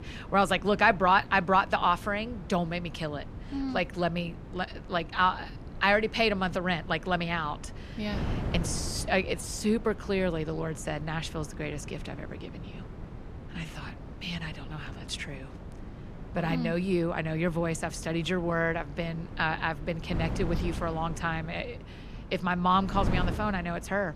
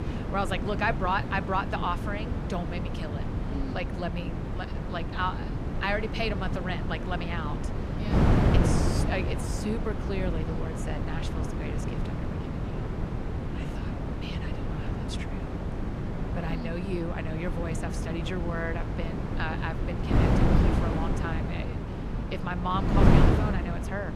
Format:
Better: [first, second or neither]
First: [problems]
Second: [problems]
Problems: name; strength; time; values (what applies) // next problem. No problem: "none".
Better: first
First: wind noise on the microphone; occasional gusts; 20 dB below the speech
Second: wind noise on the microphone; heavy; 2 dB below the speech